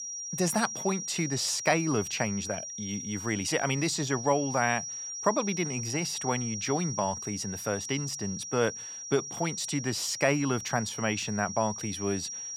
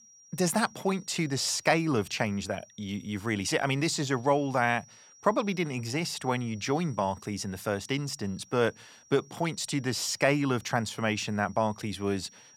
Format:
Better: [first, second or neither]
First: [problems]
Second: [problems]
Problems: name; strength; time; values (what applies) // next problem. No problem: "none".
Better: second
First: high-pitched whine; loud; throughout; 5.5 kHz, 6 dB below the speech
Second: high-pitched whine; faint; throughout; 5.5 kHz, 25 dB below the speech